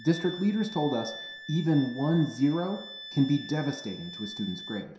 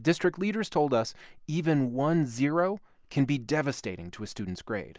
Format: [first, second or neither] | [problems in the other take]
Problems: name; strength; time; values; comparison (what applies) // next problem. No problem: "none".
second | background sound (Wind instrument, woodwind instrument); 15 dB below the speech // room echo; dies away in 0.7 s